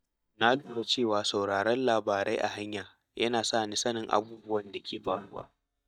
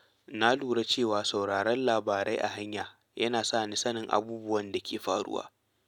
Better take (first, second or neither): second